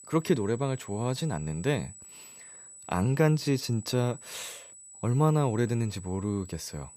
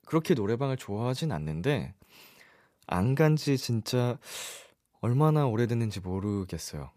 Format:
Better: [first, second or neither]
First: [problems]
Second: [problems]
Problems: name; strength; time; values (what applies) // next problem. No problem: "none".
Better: second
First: high-pitched whine; noticeable; throughout; 8 kHz, 15 dB below the speech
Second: none